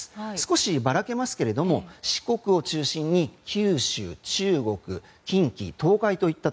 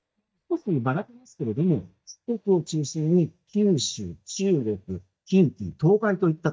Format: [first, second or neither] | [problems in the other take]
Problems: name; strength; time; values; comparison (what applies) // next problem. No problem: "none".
first | noise reduction (neural mask model DeepFilterNet 3)